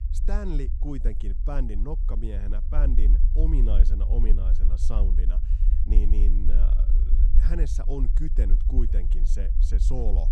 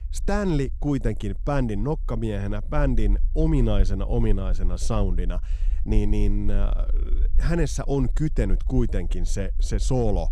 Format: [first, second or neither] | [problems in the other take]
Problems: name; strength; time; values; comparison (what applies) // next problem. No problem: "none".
second | low rumble; loud; throughout; 7 dB below the speech; faint in the second